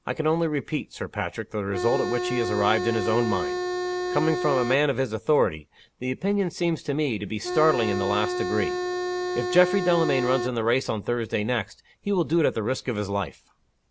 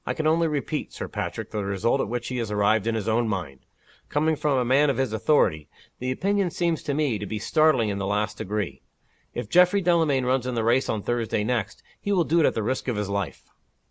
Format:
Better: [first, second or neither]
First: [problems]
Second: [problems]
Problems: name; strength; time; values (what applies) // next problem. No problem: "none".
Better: second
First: background sound (Organ); 2 dB below the speech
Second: none